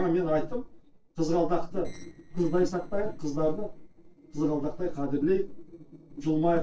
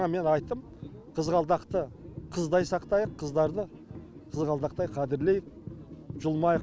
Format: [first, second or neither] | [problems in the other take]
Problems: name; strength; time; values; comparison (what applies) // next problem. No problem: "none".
second | noise reduction (neural separator model SepFormer DNS4)